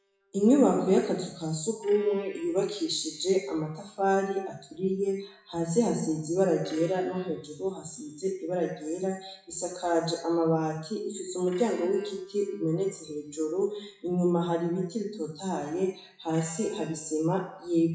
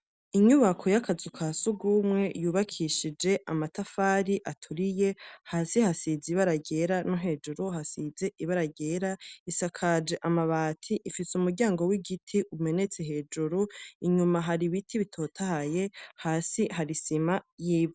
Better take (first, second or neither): second